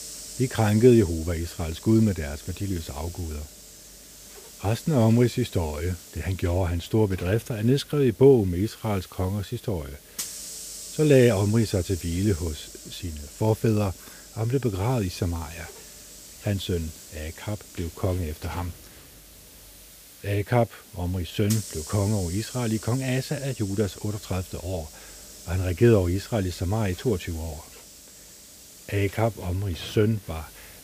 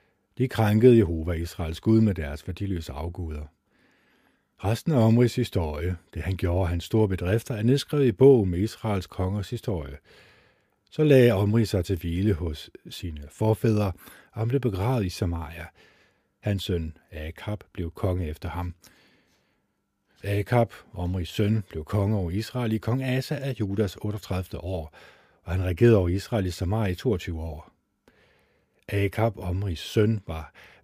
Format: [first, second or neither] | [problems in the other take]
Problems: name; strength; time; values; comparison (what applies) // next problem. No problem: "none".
second | hiss; noticeable; throughout; 15 dB below the speech